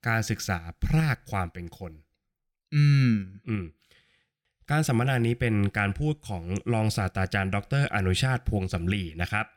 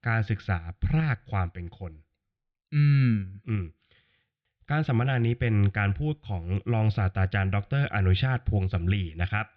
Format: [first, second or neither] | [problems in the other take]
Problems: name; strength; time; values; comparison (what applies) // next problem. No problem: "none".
first | muffled; slightly; fading above 3.5 kHz